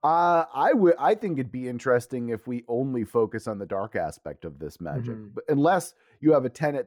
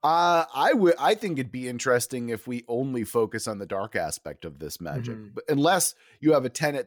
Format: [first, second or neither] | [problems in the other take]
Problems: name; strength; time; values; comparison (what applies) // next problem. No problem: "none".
second | muffled; slightly; fading above 2 kHz